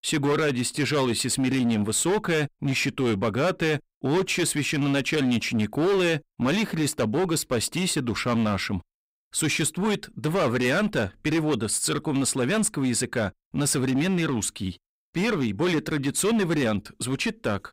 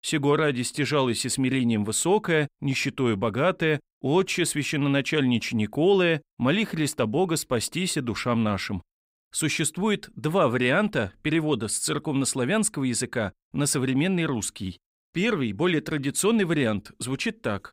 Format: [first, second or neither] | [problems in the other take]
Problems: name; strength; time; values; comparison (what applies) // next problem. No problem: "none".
second | distortion; slight; 14% of the sound clipped